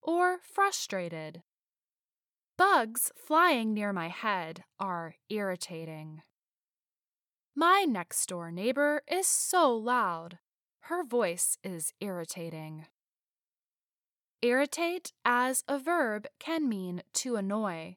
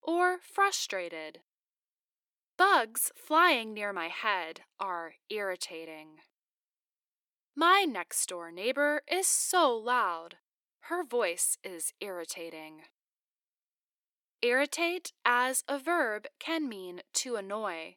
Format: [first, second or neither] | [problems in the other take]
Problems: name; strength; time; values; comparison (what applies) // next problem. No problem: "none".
first | thin; very slightly; fading below 300 Hz